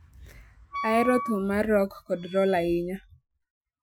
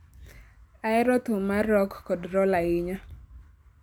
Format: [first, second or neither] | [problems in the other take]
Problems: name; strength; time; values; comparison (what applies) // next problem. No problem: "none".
second | noise reduction (classical method Wiener filter)